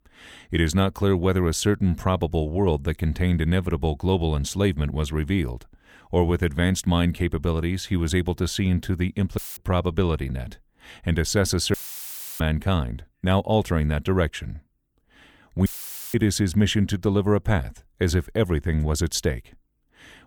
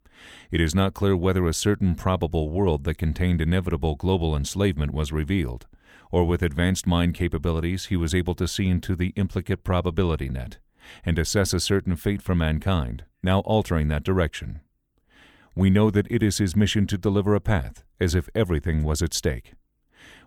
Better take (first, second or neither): second